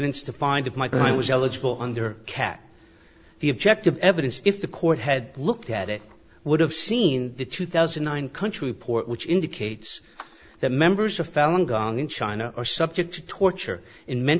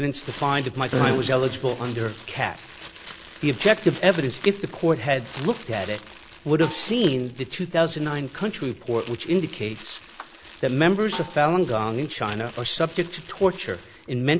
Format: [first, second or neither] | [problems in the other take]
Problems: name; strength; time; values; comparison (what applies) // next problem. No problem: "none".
first | background sound (Crumpling, crinkling + Snare drum); 17 dB below the speech